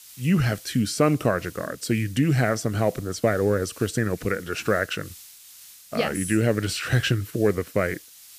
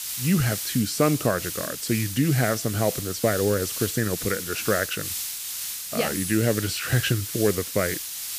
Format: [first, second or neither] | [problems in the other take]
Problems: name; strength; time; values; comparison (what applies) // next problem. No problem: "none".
first | hiss; loud; throughout; 5 dB below the speech; faint in the first